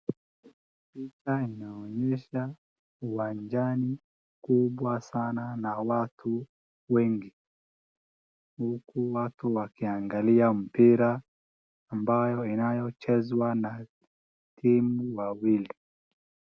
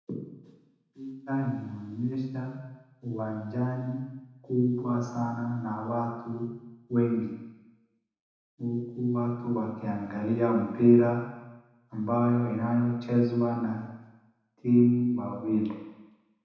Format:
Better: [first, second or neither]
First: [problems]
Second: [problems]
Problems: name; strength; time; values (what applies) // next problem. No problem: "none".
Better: first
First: none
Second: room echo; dies away in 1 s